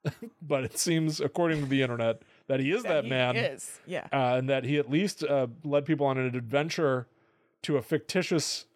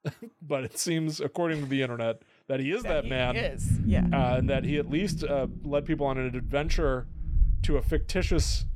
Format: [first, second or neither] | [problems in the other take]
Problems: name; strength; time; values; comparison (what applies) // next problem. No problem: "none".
first | low rumble; noticeable; from 3 s on; 10 dB below the speech